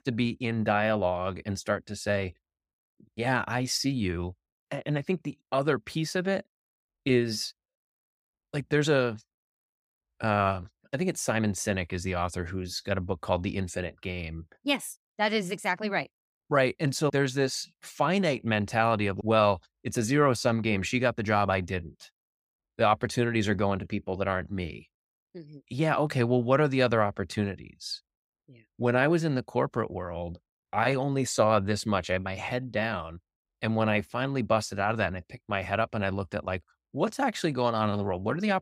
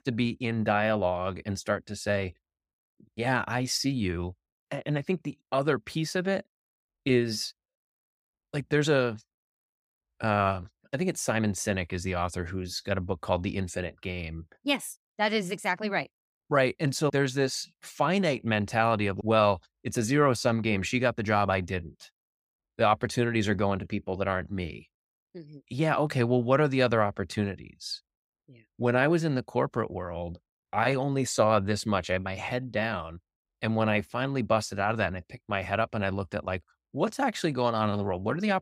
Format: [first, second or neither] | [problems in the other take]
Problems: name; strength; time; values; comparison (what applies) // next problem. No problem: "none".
neither | none